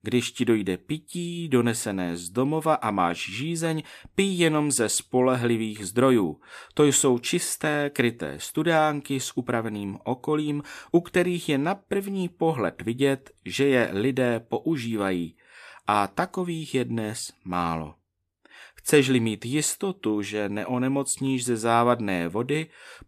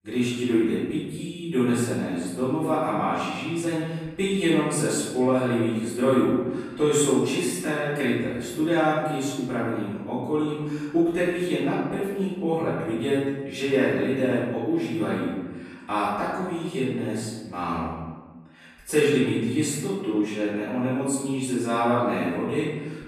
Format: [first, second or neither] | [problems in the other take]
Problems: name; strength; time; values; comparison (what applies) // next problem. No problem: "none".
first | off-mic speech; far // room echo; strong; dies away in 1.2 s